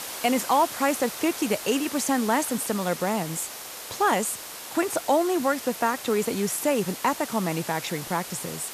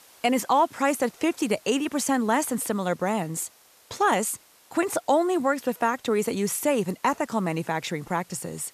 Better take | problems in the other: second | hiss; loud; throughout; 9 dB below the speech; faint in the second

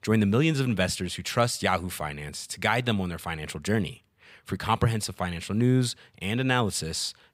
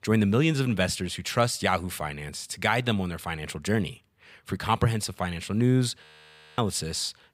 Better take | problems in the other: first | audio freezing; at 6 s for 0.5 s

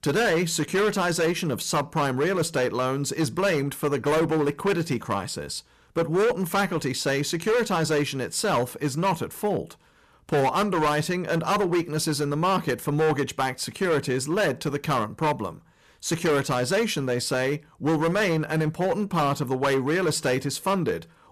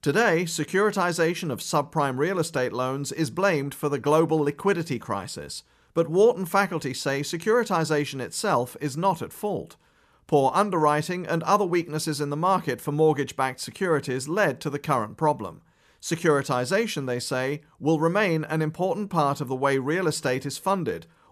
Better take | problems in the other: second | distortion; heavy; 13% of the sound clipped

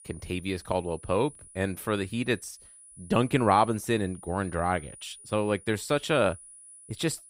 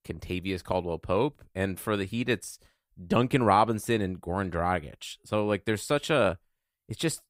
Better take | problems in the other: second | high-pitched whine; noticeable; throughout; 10 kHz, 20 dB below the speech

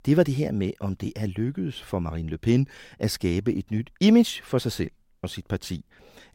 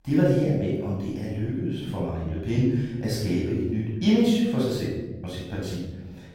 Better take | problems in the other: first | off-mic speech; far // room echo; strong; dies away in 1.2 s

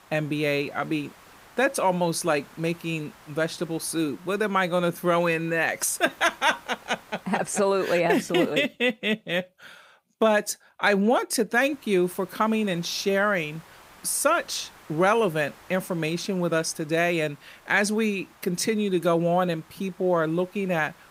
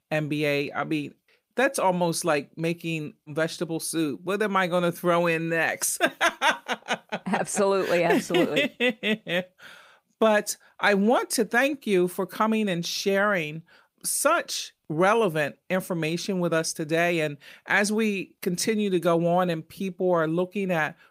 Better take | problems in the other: second | hiss; faint; until 8 s and from 12 s on; 25 dB below the speech

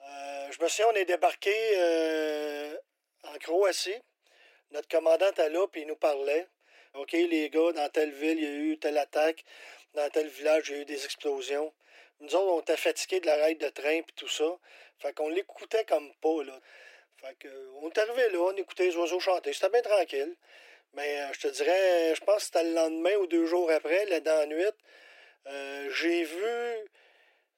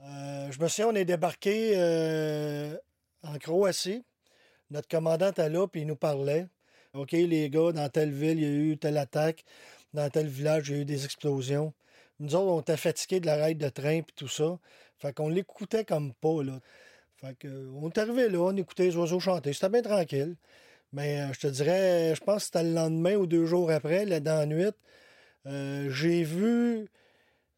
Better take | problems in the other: second | thin; very; fading below 300 Hz

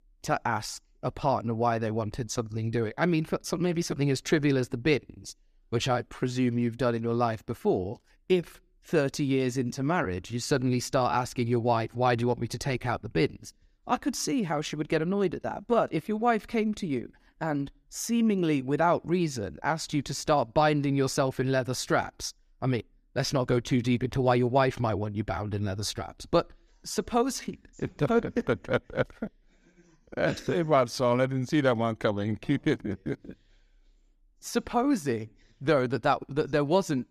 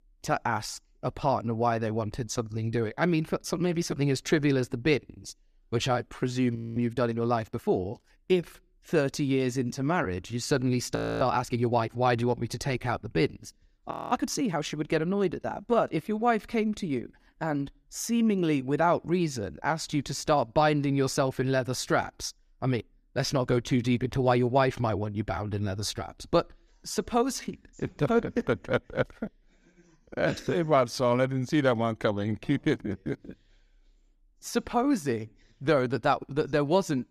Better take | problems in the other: first | audio freezing; at 6.5 s, at 11 s and at 14 s

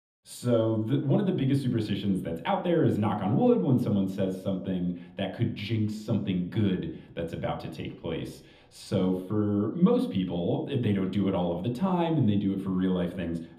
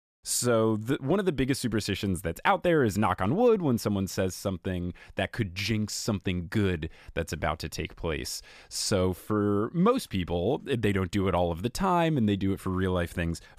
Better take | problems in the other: second | room echo; slight; dies away in 0.7 s // off-mic speech; somewhat distant

